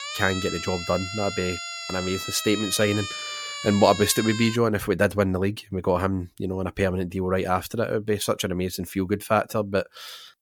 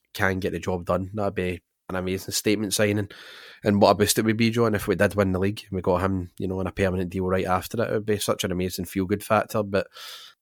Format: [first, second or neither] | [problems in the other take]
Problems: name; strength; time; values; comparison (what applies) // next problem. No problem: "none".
second | siren; noticeable; until 4.5 s; peak 6 dB below the speech